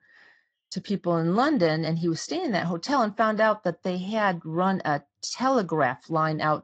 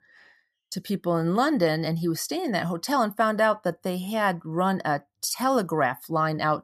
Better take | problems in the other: second | garbled, watery; slightly; nothing above 7.5 kHz

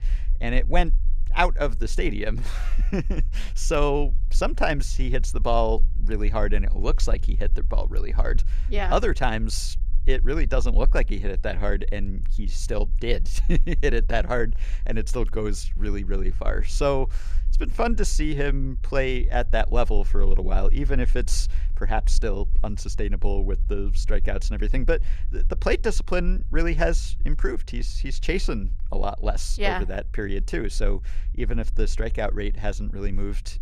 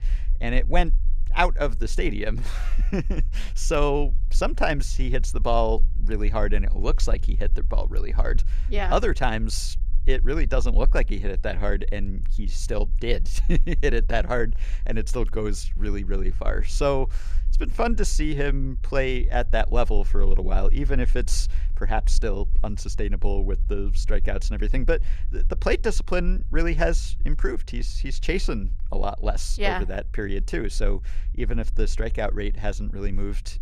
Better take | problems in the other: neither | low rumble; faint; throughout; 25 dB below the speech; the same in both

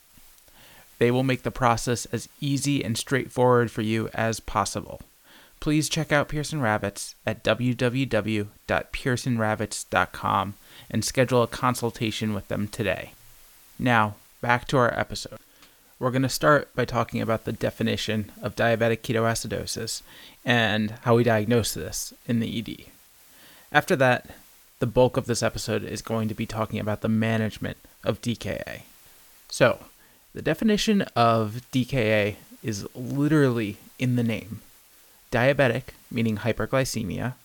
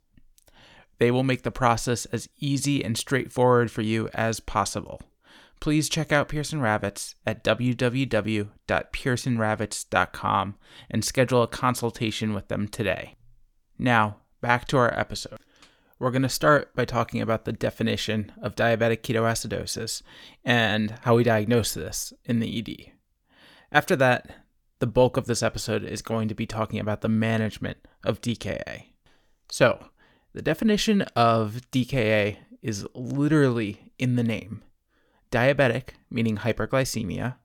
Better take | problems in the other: second | hiss; faint; throughout; 25 dB below the speech

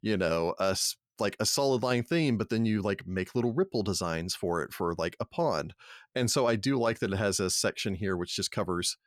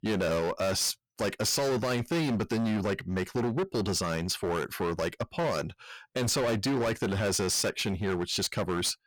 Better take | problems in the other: first | distortion; heavy; 21% of the sound clipped

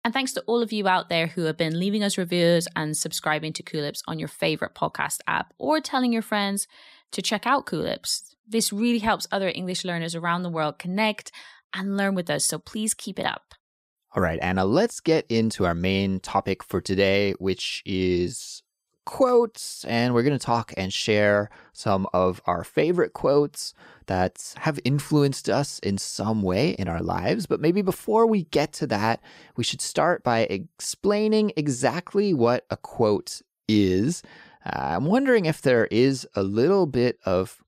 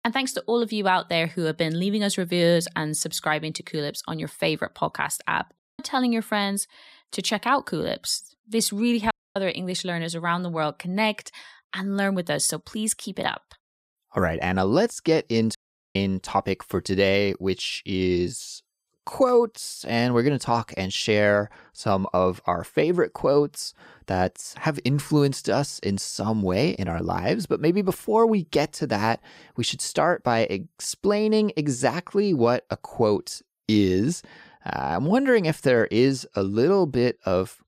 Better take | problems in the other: first | audio cutting out; at 5.5 s, at 9 s and at 16 s

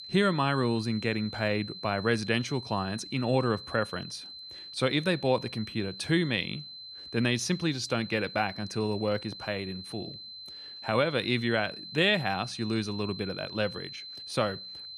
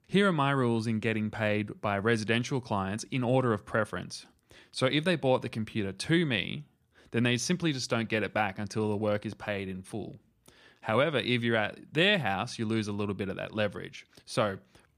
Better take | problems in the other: second | high-pitched whine; noticeable; throughout; 4 kHz, 10 dB below the speech

